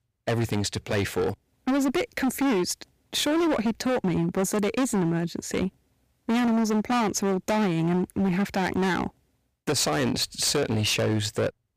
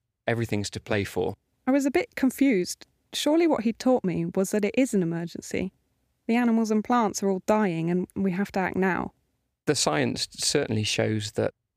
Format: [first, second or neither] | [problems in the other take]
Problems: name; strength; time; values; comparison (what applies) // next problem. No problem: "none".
second | distortion; heavy; 23% of the sound clipped